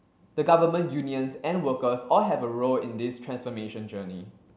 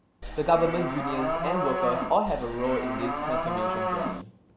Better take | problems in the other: first | background sound (Livestock, farm animals, working animals); 1 dB below the speech

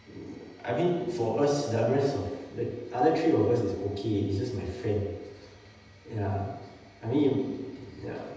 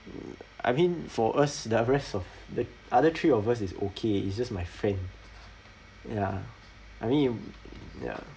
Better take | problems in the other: second | room echo; dies away in 1.1 s

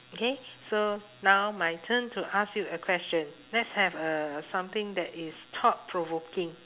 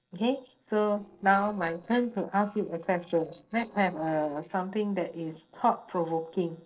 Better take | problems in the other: first | noise reduction (neural separator model SepFormer DNS4)

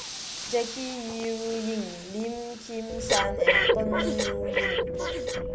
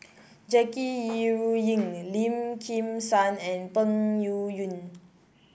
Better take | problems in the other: second | background sound (Breathing); 4 dB above the speech

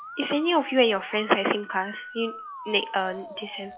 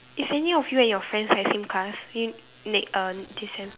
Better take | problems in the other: second | noise reduction (classical method log-MMSE)

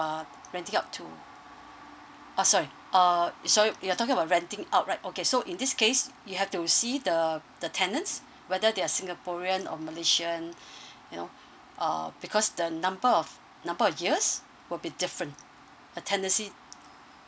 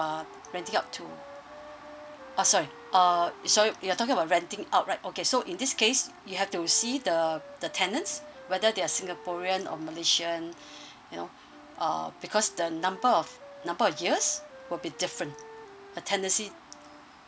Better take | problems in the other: first | background sound (Wind instrument, woodwind instrument); 20 dB below the speech

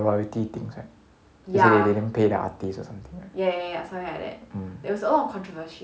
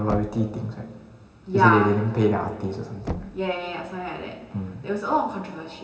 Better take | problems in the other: first | background sound (Knock); 15 dB below the speech // room echo; dies away in 2.2 s

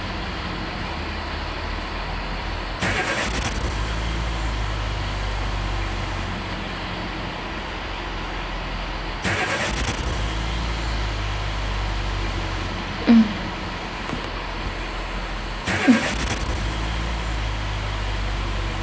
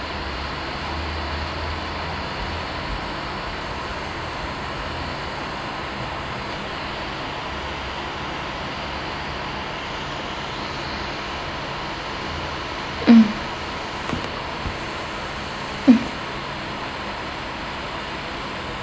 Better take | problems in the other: second | background sound (Engine starting / Car); 1 dB above the speech

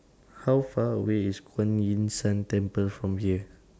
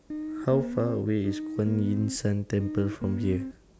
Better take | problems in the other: first | background sound (Guitar); 7 dB below the speech

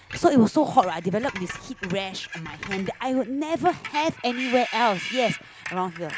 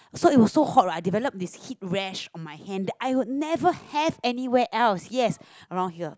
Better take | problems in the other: second | background sound (Screech); 12 dB below the speech

